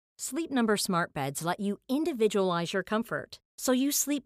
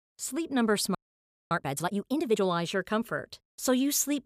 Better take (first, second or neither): first